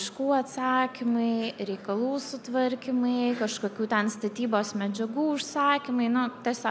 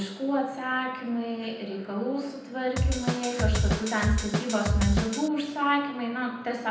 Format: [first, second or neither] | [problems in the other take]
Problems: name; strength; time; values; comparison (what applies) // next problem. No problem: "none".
first | background sound (Drum kit); 3 dB above the speech // room echo; dies away in 0.8 s